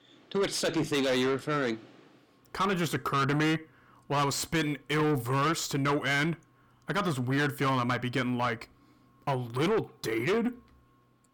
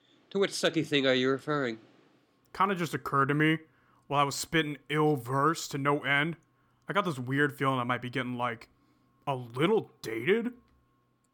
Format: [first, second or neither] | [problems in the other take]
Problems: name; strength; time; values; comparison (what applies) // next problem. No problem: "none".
second | distortion; heavy; 6 dB below the speech